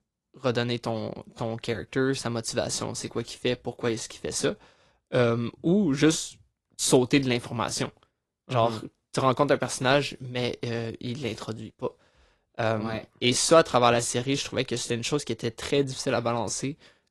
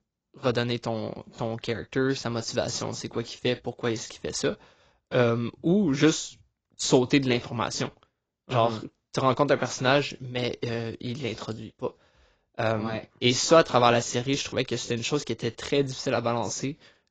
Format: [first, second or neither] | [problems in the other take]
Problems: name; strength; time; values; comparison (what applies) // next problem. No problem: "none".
first | garbled, watery; badly; nothing above 7.5 kHz; slightly in the first